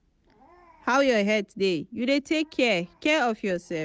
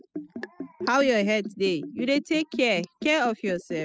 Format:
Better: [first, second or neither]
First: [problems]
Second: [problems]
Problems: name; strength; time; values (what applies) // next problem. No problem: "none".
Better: first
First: none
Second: noise reduction (classical method spectral subtraction)